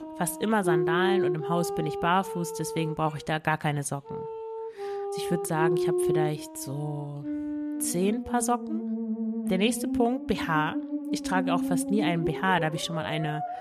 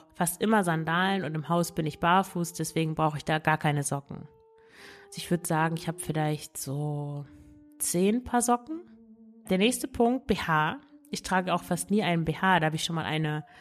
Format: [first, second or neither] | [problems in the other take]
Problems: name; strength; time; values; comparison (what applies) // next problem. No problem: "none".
second | background music; loud; throughout; 2 dB below the speech; faint in the second